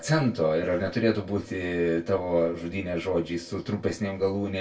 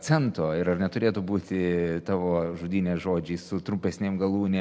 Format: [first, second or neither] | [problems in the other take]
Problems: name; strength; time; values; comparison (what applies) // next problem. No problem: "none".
second | room echo; dies away in 0.2 s